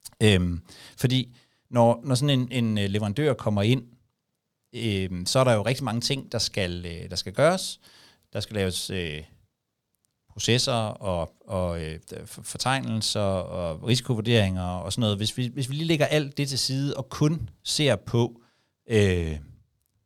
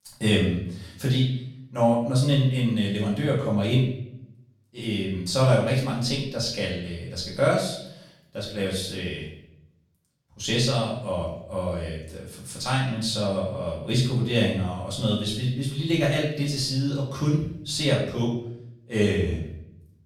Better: first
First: none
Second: off-mic speech; far // room echo; noticeable; dies away in 0.6 s

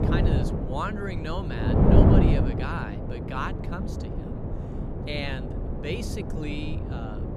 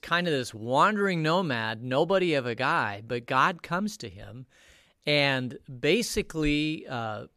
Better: second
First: wind noise on the microphone; heavy; 1 dB above the speech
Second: none

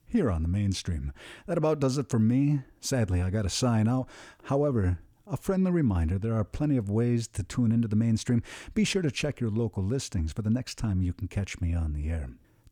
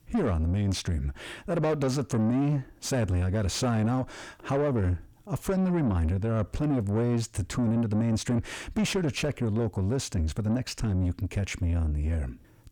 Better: first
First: none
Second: distortion; slight; 10 dB below the speech

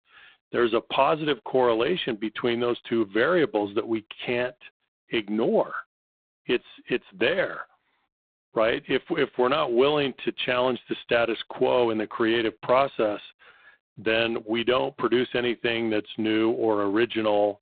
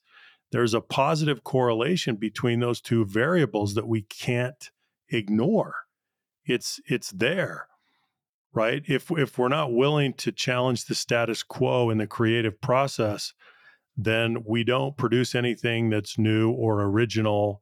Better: second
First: phone-call audio; poor line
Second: none

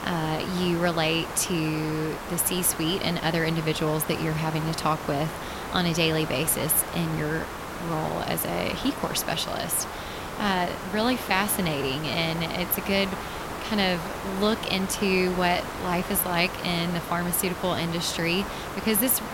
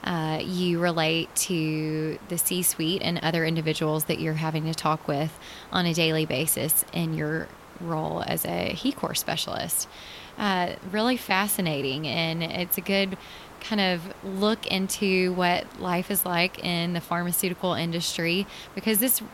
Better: second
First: hiss; loud; throughout; 8 dB below the speech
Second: hiss; faint; throughout; 20 dB below the speech

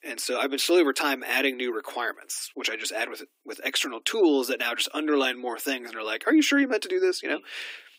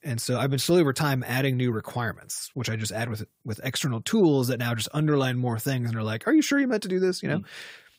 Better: second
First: thin; somewhat; fading below 250 Hz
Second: none

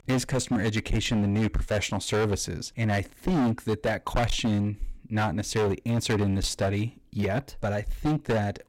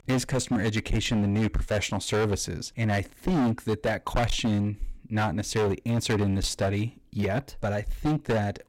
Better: neither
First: distortion; heavy; 17% of the sound clipped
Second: distortion; heavy; 17% of the sound clipped

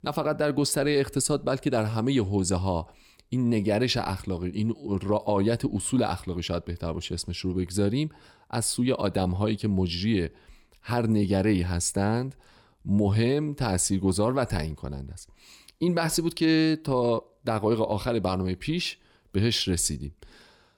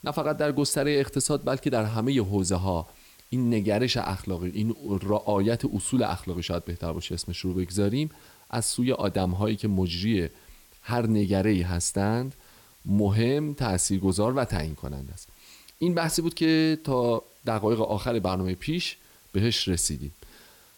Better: first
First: none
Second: hiss; faint; throughout; 25 dB below the speech

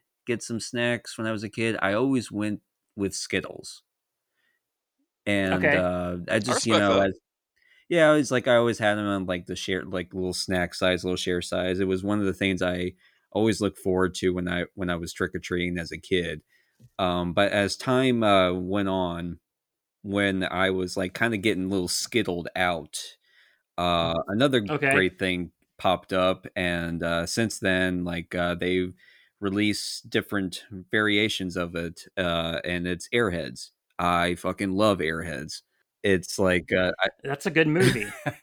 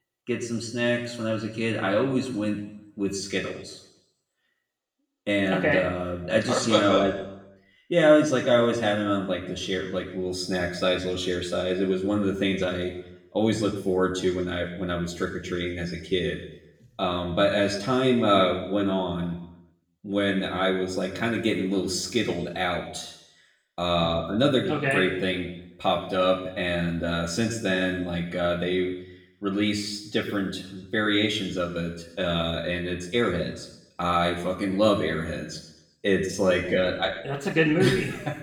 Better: first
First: none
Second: room echo; slight; dies away in 0.8 s // off-mic speech; far

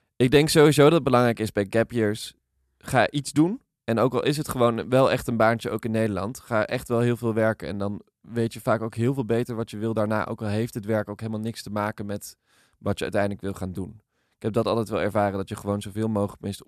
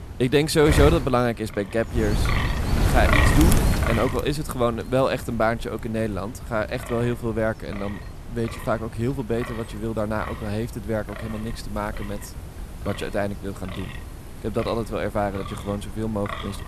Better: first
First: none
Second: wind noise on the microphone; heavy; 4 dB below the speech

